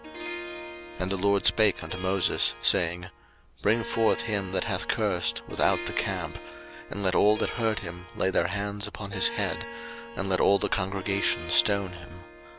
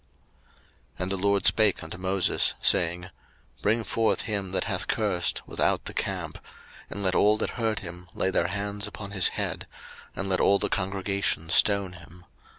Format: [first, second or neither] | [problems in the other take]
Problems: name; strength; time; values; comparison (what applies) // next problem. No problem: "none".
second | background sound (Harp); 12 dB below the speech